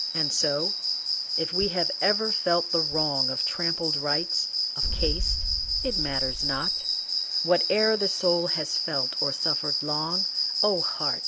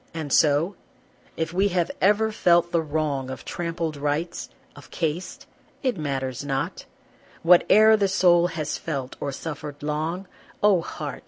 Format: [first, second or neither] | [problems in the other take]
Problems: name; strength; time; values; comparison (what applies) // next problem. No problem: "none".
second | background sound (Boom + Cricket); 3 dB above the speech